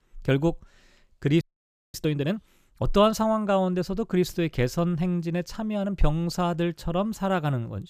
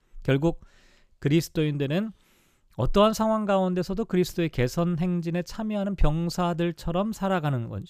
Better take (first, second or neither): second